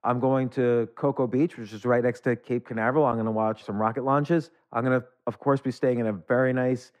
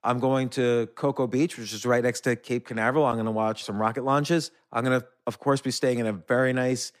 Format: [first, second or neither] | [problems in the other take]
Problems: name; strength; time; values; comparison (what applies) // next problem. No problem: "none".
second | muffled; very; fading above 3 kHz